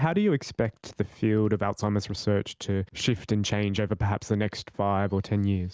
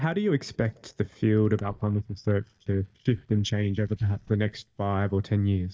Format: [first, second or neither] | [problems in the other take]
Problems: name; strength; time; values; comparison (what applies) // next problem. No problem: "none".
first | noise reduction (neural mask model DeepFilterNet 3)